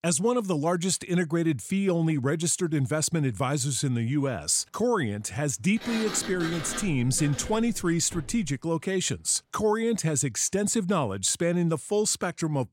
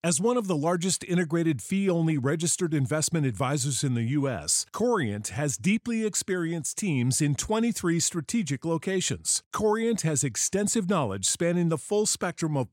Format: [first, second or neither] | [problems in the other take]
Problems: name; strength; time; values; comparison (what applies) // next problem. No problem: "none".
second | door banging; noticeable; from 6 to 8.5 s; peak 7 dB below the speech